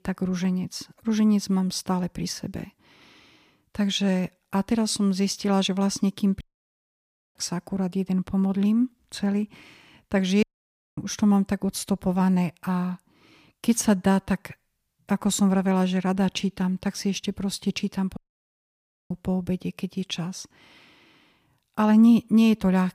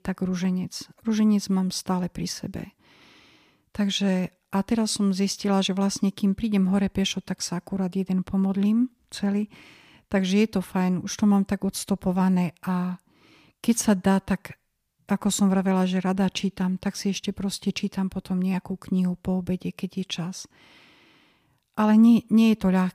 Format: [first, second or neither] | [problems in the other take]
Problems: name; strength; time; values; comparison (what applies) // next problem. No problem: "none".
second | audio cutting out; at 6.5 s for 1 s, at 10 s for 0.5 s and at 18 s for 1 s